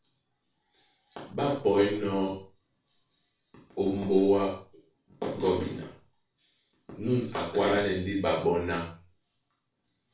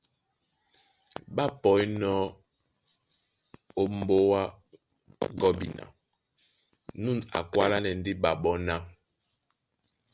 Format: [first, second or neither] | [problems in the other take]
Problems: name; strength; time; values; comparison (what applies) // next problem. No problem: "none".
second | room echo; dies away in 0.4 s